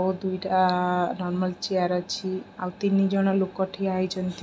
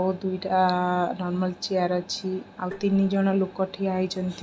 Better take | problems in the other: first | background sound (Tap); 18 dB below the speech

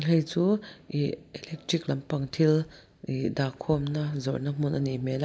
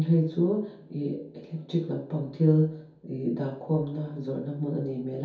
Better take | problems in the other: first | room echo; dies away in 0.6 s

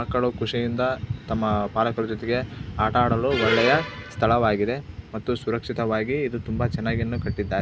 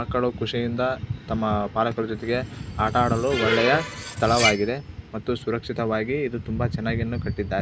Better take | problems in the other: first | background sound (Cutlery, silverware); 9 dB below the speech

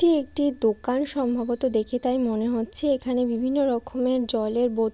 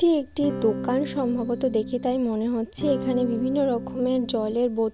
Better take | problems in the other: first | background sound (Electric guitar / Strum); 9 dB below the speech

